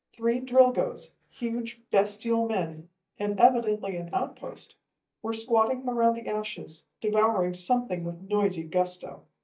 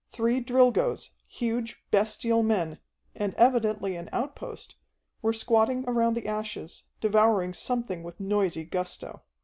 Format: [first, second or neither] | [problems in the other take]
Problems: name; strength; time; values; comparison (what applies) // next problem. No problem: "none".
second | noise reduction (neural mask model DeepFilterNet 3)